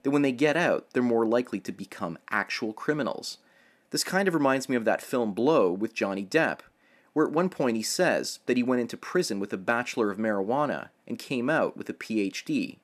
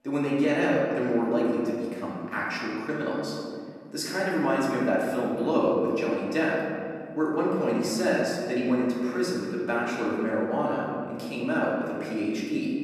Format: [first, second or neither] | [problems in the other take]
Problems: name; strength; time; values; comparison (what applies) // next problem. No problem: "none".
first | room echo; noticeable; dies away in 2.2 s // off-mic speech; far